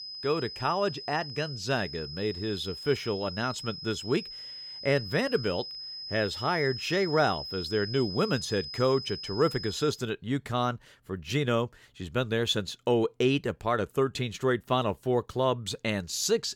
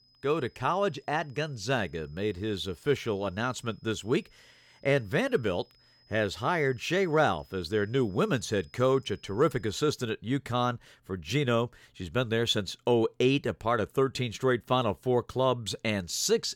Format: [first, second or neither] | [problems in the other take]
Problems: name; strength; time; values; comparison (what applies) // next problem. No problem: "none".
second | high-pitched whine; loud; until 10 s; 5 kHz, 8 dB below the speech; faint in the second